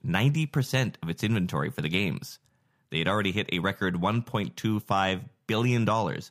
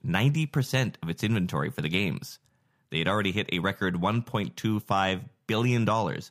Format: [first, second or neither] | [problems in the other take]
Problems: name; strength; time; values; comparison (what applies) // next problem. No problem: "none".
neither | none